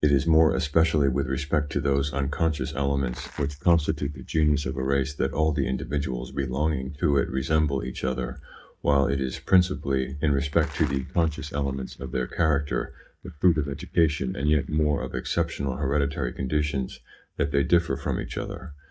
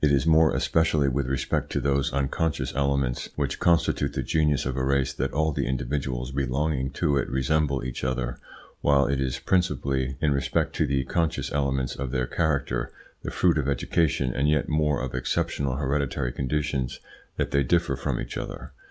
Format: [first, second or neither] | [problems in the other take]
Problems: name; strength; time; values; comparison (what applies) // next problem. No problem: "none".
second | noise reduction (neural mask model DeepFilterNet 3)